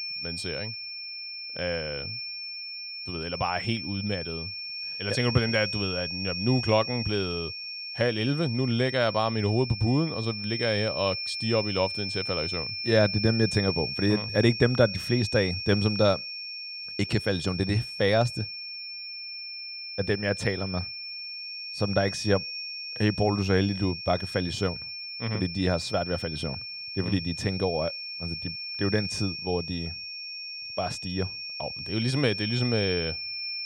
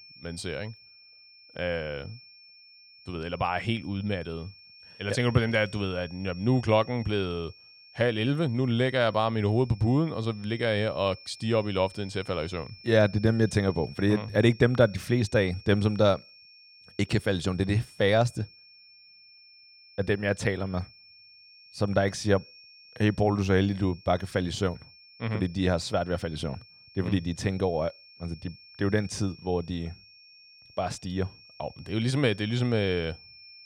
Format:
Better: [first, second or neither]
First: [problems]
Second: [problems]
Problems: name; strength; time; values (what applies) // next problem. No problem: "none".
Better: second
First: high-pitched whine; loud; throughout; 5.5 kHz, 5 dB below the speech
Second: high-pitched whine; faint; throughout; 5.5 kHz, 20 dB below the speech